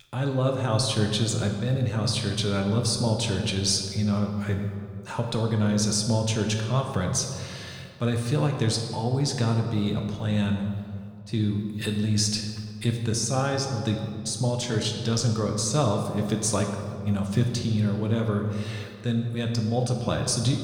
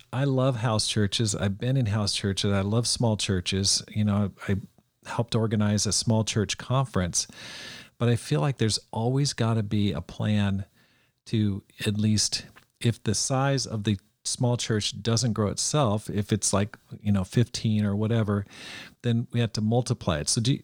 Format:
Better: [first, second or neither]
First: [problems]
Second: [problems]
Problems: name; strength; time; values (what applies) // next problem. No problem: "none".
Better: second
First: room echo; slight; dies away in 1.5 s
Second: none